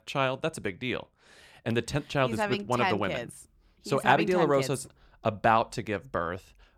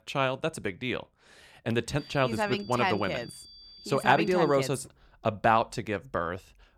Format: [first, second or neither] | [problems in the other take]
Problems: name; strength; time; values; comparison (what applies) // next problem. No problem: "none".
first | high-pitched whine; noticeable; from 2 to 4.5 s; 4.5 kHz, 20 dB below the speech